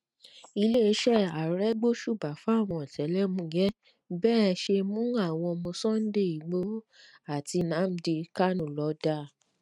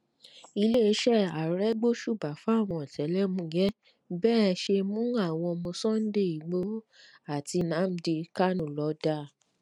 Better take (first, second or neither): second